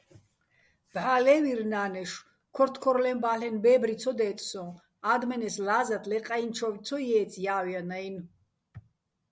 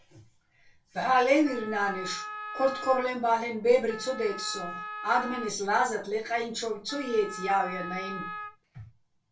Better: first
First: none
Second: background sound (Wind instrument, woodwind instrument); 10 dB below the speech // room echo; dies away in 0.2 s

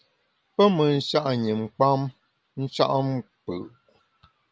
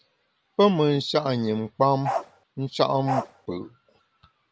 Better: first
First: none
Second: background sound (Bark); 5 dB below the speech

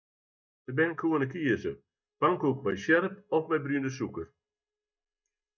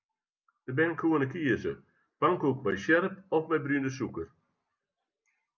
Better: second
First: noise reduction (neural mask model DeepFilterNet 3)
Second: none

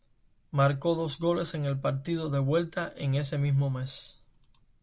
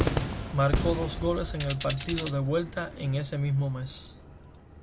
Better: first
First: none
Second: background sound (Tambourine + Cheering / Fireworks); 4 dB below the speech

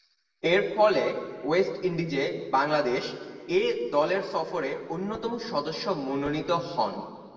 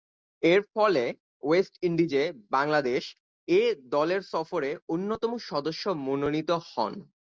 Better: second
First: room echo; dies away in 1.5 s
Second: none

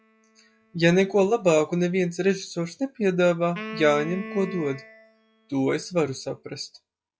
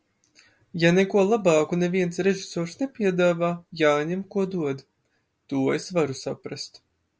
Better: second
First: noise reduction (classical method log-MMSE)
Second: none

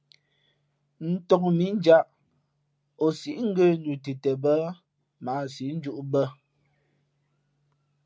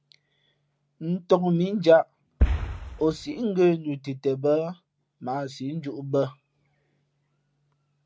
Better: first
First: none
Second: background sound (Boom); as loud as the speech

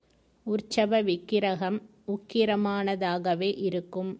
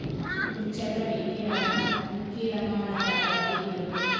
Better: first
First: none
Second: background sound (Thunderstorm); as loud as the speech // room echo; dies away in 2.1 s

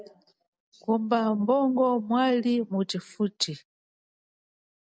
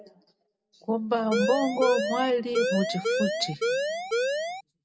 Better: first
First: none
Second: background sound (Siren); 2 dB above the speech // room echo; dies away in 1.8 s

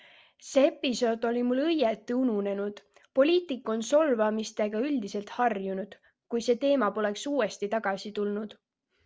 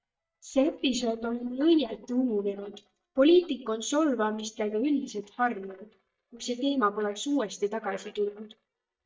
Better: first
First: none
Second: noise reduction (neural mask model DeepFilterNet 3)

